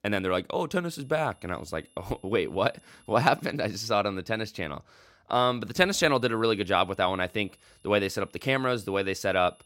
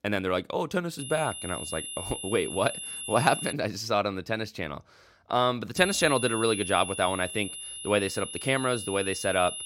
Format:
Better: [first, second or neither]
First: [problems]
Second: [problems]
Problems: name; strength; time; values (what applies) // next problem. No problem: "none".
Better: first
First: high-pitched whine; faint; from 1 to 3.5 s and from 6 s on; 11 kHz, 35 dB below the speech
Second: high-pitched whine; loud; from 1 to 3.5 s and from 6 s on; 11 kHz, 7 dB below the speech